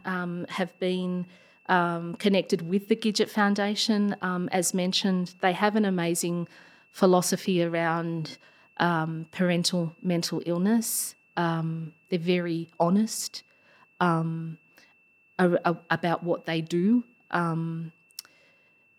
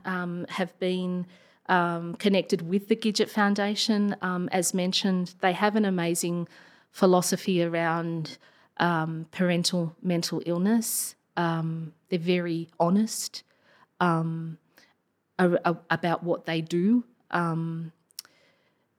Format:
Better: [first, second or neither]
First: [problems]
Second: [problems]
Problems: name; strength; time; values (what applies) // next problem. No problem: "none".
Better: second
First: high-pitched whine; faint; throughout; 2.5 kHz, 35 dB below the speech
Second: none